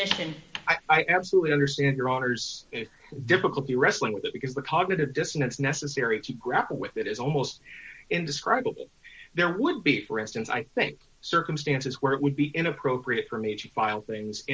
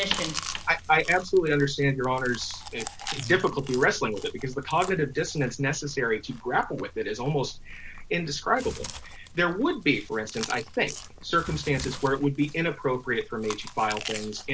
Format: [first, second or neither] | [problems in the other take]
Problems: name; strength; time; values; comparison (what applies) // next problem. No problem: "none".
first | background sound (Chewing, mastication); 13 dB below the speech